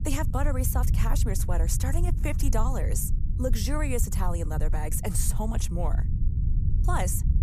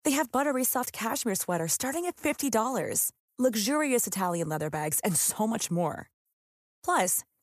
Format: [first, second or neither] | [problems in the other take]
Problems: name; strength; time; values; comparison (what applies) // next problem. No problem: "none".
second | low rumble; noticeable; throughout; 10 dB below the speech